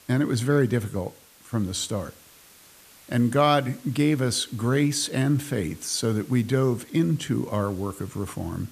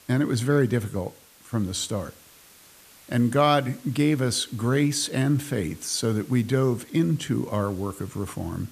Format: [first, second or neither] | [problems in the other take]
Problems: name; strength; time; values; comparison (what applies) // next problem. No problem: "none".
neither | hiss; faint; throughout; 25 dB below the speech; the same in both